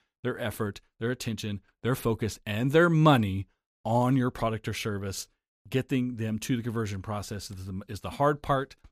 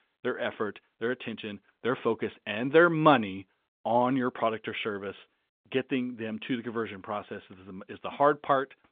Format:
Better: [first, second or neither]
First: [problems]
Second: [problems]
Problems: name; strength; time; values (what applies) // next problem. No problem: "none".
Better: first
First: none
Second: phone-call audio